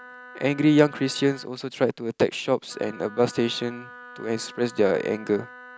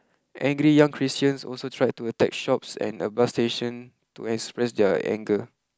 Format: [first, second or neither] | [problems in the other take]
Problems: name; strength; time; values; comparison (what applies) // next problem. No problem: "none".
second | background sound (Wind instrument, woodwind instrument); 20 dB below the speech